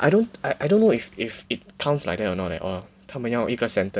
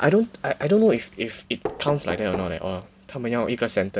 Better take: first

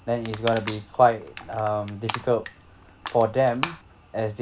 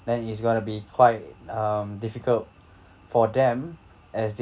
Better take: second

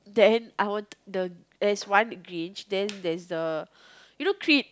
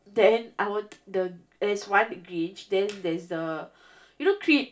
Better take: first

